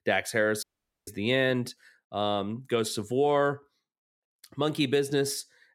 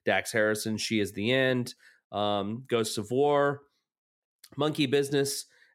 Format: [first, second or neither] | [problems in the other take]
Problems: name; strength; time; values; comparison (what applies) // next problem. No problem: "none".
second | audio cutting out; at 0.5 s